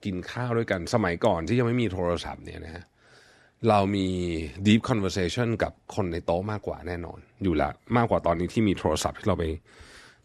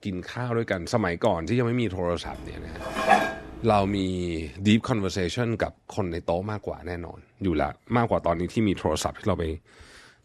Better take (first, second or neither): first